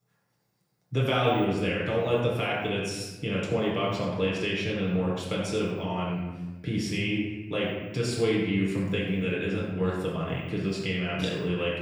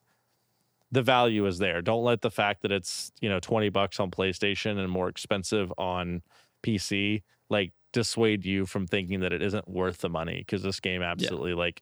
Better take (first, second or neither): second